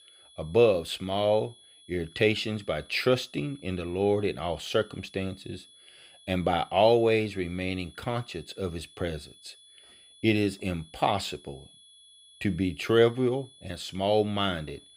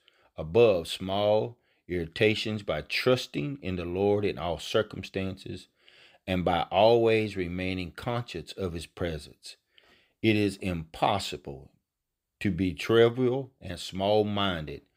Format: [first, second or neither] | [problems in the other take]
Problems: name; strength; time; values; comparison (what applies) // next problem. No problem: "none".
second | high-pitched whine; faint; throughout; 3.5 kHz, 25 dB below the speech